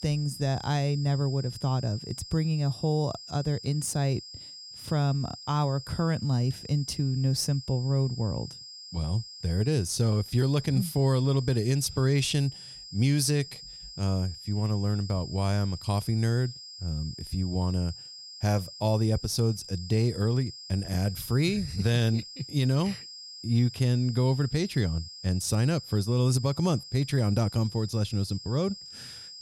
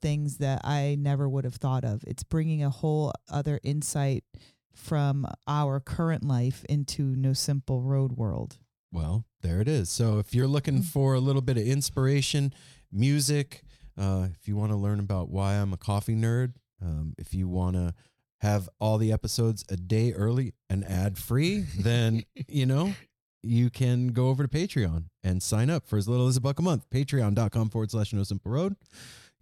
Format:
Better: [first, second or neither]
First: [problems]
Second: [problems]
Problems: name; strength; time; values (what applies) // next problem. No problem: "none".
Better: second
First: high-pitched whine; noticeable; throughout; 5 kHz, 15 dB below the speech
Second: none